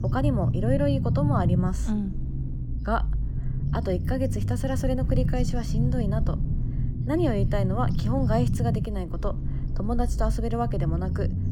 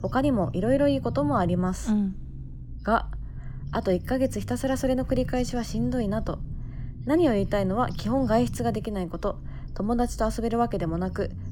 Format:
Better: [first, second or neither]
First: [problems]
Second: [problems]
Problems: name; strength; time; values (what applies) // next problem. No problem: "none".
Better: second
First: low rumble; loud; throughout; 9 dB below the speech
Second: low rumble; faint; throughout; 20 dB below the speech